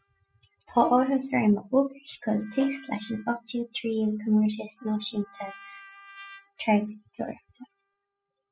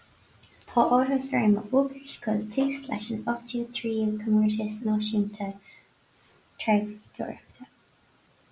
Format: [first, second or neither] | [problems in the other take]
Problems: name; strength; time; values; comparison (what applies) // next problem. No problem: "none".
second | noise reduction (classical method spectral subtraction)